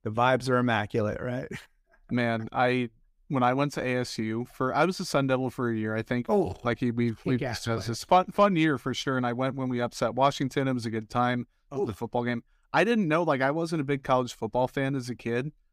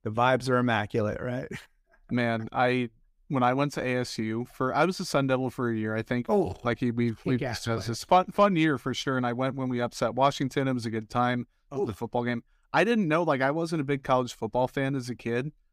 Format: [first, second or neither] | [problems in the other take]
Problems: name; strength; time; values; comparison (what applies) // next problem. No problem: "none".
neither | none